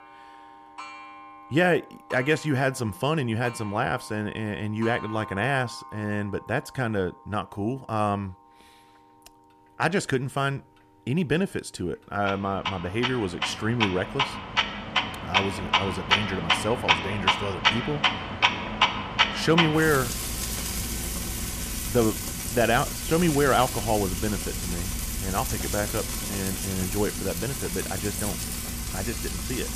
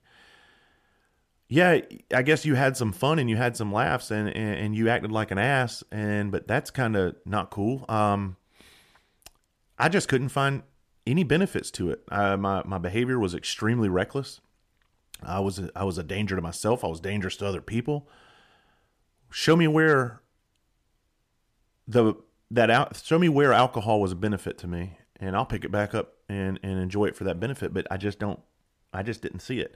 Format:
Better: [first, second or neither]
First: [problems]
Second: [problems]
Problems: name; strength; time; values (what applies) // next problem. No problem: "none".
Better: second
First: household noises; very loud; throughout; as loud as the speech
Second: none